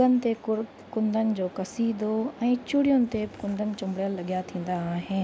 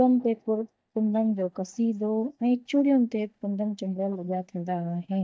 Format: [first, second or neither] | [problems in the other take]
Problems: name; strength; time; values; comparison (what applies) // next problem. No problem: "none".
first | noise reduction (neural mask model DeepFilterNet 3)